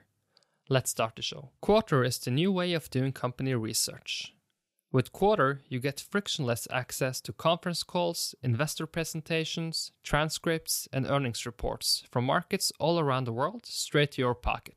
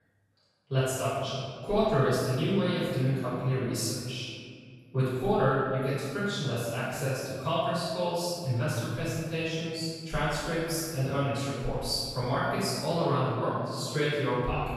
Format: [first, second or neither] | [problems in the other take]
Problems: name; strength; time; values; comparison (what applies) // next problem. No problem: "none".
first | room echo; strong; dies away in 1.9 s // off-mic speech; far